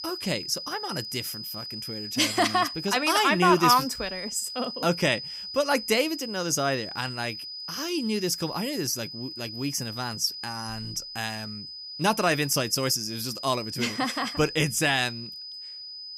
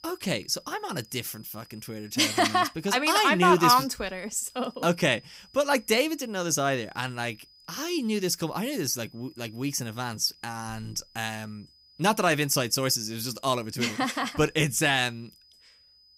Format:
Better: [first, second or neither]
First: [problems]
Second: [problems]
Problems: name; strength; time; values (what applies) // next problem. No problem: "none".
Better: second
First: high-pitched whine; loud; throughout; 5 kHz, 9 dB below the speech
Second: high-pitched whine; faint; throughout; 5 kHz, 30 dB below the speech